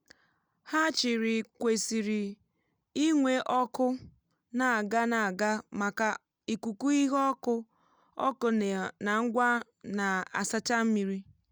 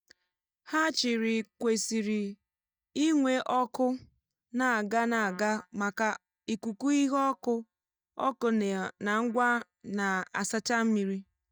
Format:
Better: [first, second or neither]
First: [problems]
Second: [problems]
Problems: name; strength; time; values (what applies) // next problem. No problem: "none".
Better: first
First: none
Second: noise reduction (neural mask model DeepFilterNet 3)